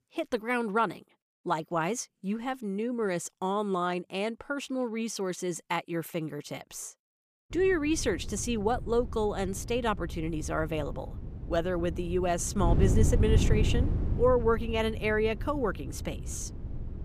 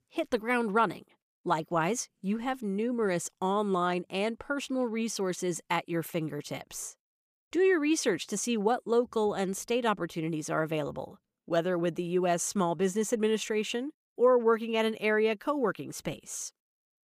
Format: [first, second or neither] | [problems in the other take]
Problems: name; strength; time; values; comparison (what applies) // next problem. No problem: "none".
second | wind noise on the microphone; occasional gusts; from 7.5 s on; 15 dB below the speech